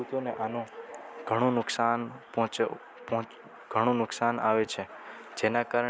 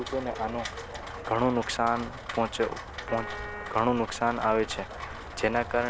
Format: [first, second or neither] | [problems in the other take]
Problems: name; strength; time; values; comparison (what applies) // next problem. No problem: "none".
first | background sound (Rain + Piano); 10 dB below the speech